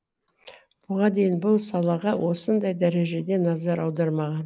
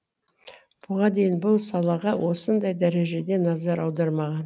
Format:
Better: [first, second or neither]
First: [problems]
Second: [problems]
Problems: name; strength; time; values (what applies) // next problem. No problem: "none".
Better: second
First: noise reduction (neural mask model Resemble Enhance denoiser)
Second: none